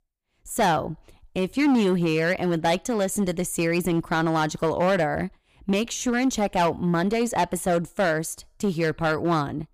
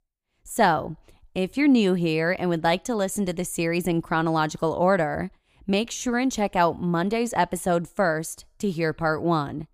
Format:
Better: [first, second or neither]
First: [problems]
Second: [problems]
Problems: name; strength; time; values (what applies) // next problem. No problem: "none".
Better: second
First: distortion; slight; 8% of the sound clipped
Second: none